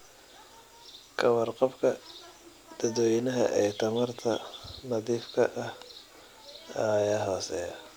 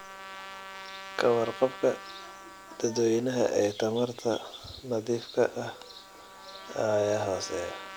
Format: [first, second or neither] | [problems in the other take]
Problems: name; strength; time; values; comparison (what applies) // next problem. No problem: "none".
first | background sound (Trumpet); 16 dB below the speech